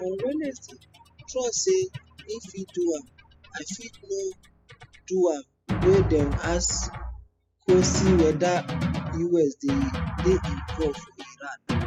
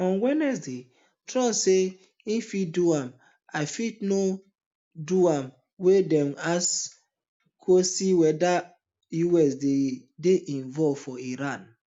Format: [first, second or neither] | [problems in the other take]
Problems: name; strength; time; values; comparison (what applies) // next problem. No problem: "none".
second | noise reduction (classical method spectral subtraction)